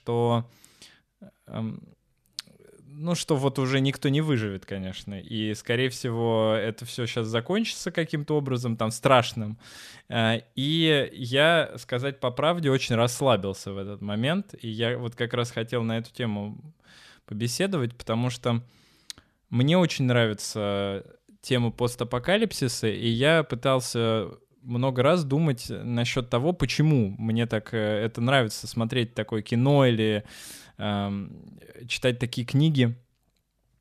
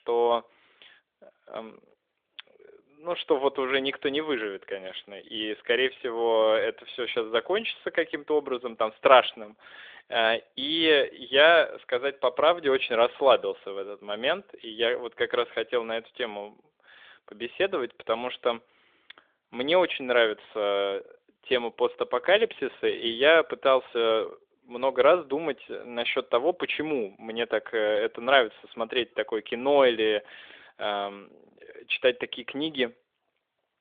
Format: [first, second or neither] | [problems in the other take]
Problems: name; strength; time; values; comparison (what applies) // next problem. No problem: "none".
first | phone-call audio; nothing above 3.5 kHz